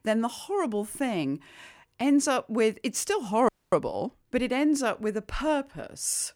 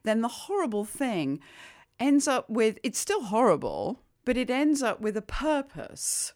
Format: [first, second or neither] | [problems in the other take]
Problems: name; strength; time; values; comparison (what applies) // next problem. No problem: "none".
second | audio freezing; at 3.5 s